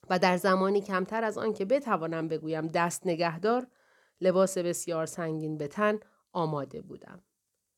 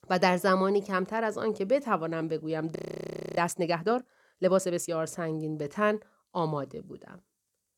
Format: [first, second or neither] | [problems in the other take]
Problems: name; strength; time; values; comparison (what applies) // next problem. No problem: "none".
first | audio freezing; at 3 s for 0.5 s